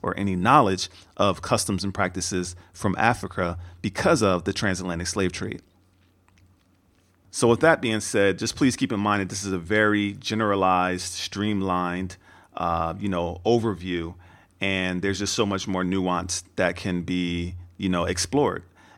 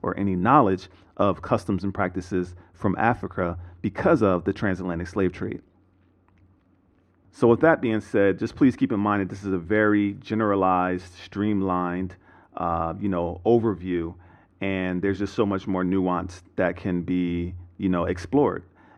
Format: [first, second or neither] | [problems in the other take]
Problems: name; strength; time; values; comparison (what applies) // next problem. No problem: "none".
first | muffled; very; fading above 3.5 kHz